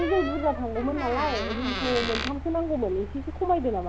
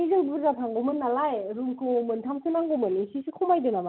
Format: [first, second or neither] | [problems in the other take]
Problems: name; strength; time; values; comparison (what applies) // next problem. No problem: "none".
second | background sound (Mechanical fan + Door); 6 dB below the speech